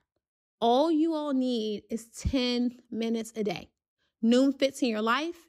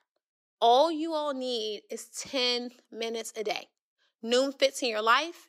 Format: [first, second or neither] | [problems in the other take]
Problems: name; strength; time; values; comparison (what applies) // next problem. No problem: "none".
first | thin; somewhat; fading below 650 Hz